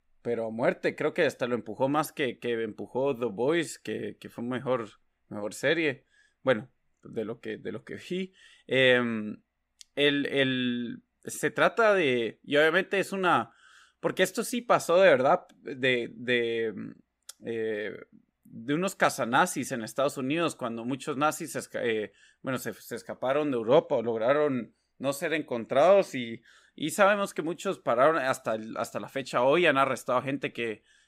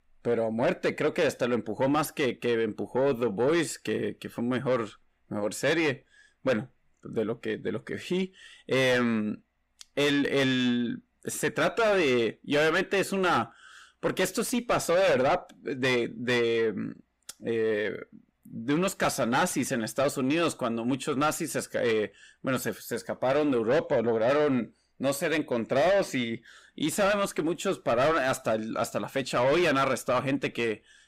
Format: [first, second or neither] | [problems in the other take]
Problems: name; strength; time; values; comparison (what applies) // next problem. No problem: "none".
first | distortion; heavy; 7 dB below the speech